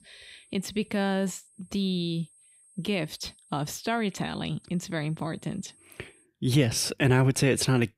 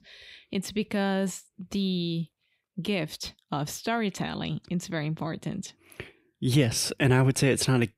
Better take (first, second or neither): second